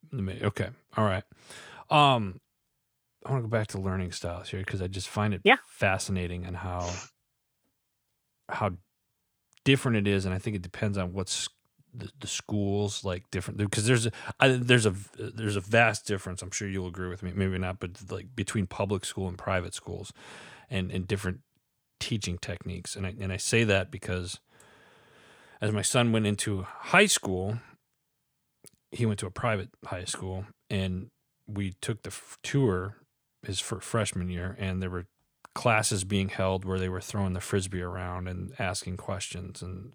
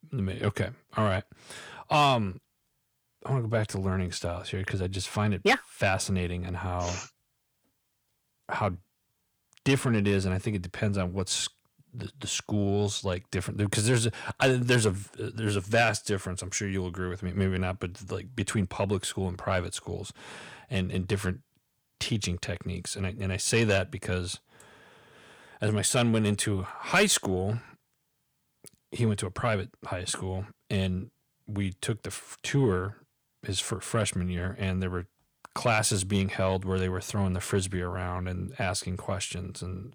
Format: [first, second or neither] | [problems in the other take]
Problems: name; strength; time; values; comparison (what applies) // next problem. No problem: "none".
first | distortion; slight; 10 dB below the speech